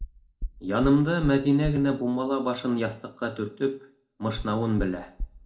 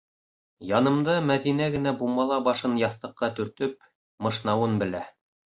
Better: second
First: background sound (Knock); 12 dB below the speech // room echo; dies away in 0.3 s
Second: none

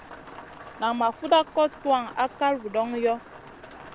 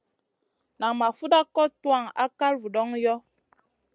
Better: second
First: background sound (Rain); 18 dB below the speech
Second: none

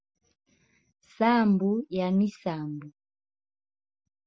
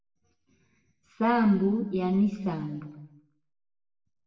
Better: first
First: none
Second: room echo; dies away in 1.2 s

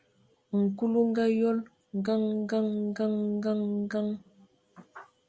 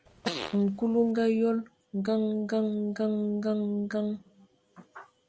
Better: first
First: none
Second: background sound (Fart); 9 dB below the speech

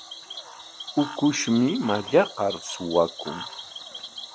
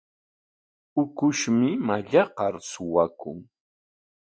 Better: second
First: background sound (Cricket / Frog); 12 dB below the speech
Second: none

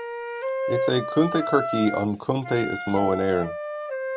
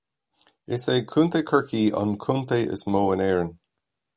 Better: second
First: background sound (Wind instrument, woodwind instrument); 4 dB below the speech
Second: none

